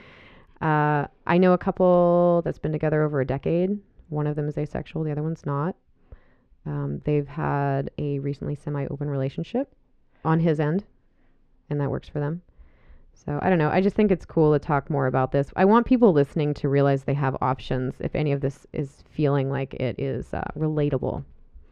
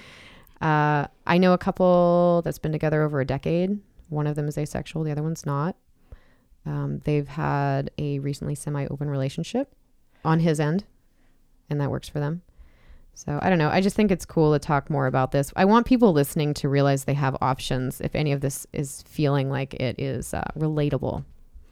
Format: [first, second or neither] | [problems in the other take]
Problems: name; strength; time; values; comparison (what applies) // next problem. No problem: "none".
second | muffled; slightly; fading above 2.5 kHz